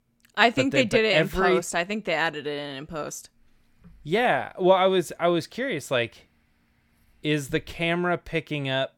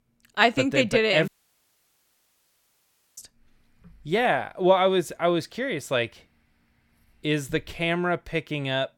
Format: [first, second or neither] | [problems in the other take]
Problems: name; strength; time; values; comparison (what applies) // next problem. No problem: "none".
first | audio cutting out; at 1.5 s for 2 s